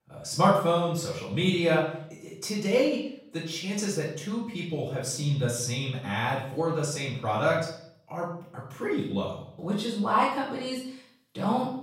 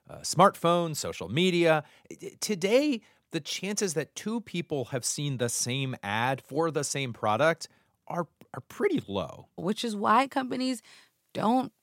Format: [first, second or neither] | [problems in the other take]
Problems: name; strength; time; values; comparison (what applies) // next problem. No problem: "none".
second | off-mic speech; far // room echo; noticeable; dies away in 0.6 s